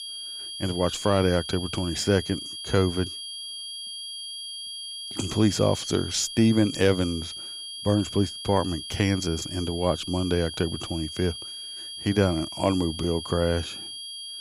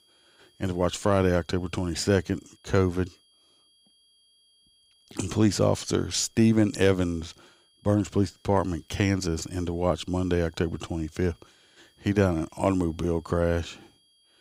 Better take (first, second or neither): second